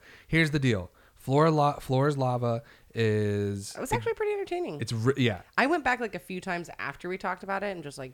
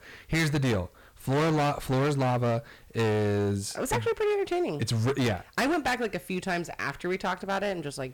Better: first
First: none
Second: distortion; heavy; 17% of the sound clipped

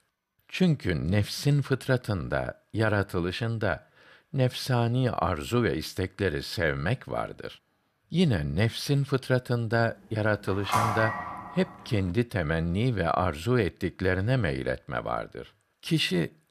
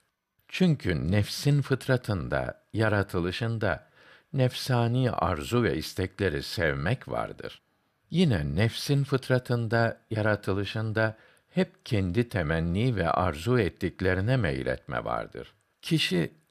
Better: second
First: phone ringing; loud; at 11 s; peak 1 dB above the speech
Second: none

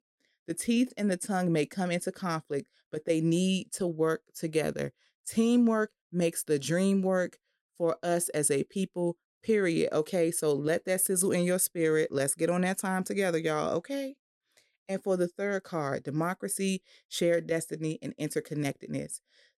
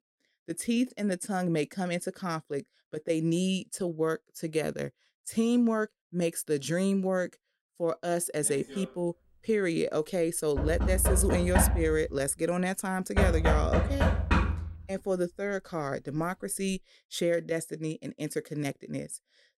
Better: first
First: none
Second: door banging; loud; from 11 to 15 s; peak 5 dB above the speech

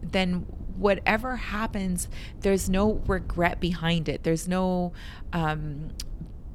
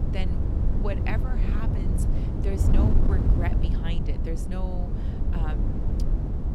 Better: first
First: wind noise on the microphone; occasional gusts; 25 dB below the speech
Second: wind noise on the microphone; heavy; 1 dB above the speech

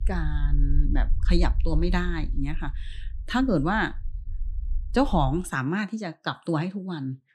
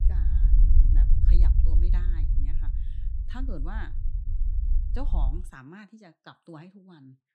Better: first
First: low rumble; faint; until 5.5 s; 25 dB below the speech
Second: low rumble; loud; until 5.5 s; 2 dB below the speech

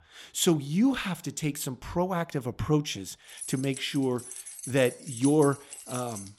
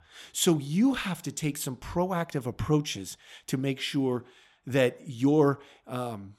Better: second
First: jangling keys; noticeable; from 3.5 s on; peak 8 dB below the speech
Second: none

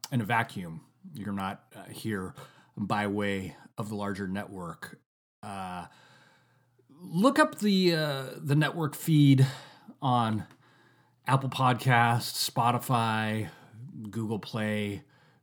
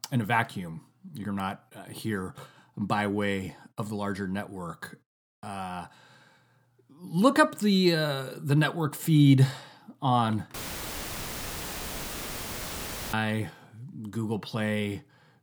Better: first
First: none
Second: audio cutting out; filled with static; at 11 s for 2.5 s

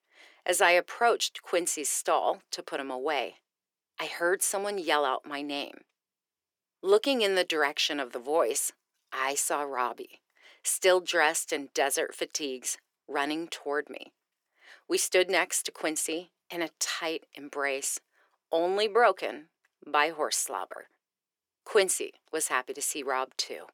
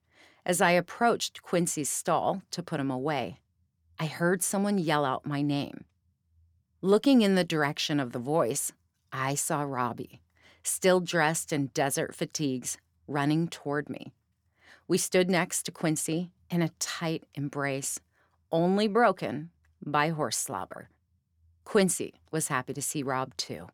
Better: second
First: thin; somewhat; fading below 400 Hz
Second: none

